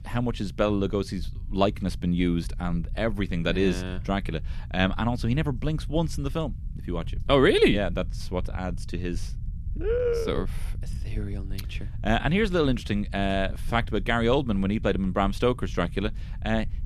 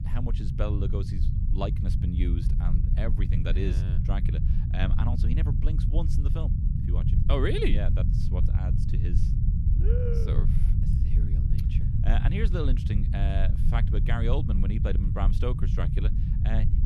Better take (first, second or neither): first